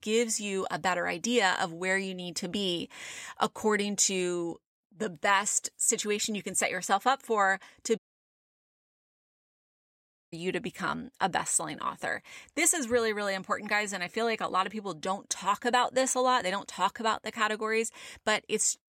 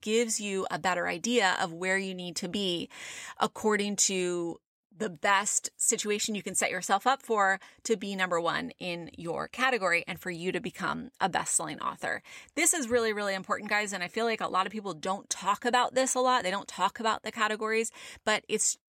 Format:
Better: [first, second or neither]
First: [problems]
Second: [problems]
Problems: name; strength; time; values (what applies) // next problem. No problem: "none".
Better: second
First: audio cutting out; at 8 s for 2.5 s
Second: none